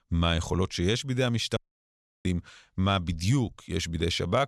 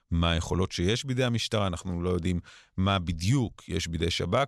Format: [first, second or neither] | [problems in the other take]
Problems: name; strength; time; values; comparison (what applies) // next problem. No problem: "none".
second | audio cutting out; at 1.5 s for 0.5 s